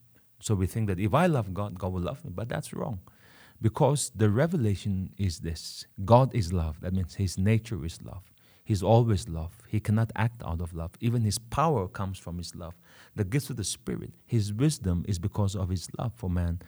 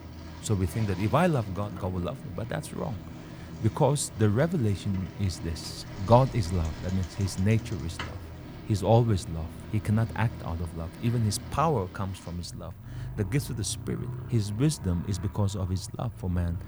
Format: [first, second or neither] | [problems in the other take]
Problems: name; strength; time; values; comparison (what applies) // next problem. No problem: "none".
first | traffic noise; noticeable; throughout; 15 dB below the speech